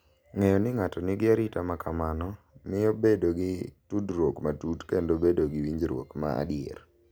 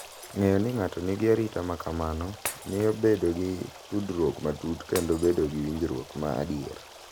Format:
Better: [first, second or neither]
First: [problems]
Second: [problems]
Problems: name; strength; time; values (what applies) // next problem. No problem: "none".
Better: first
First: none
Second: background sound (Shatter + Stream); 15 dB below the speech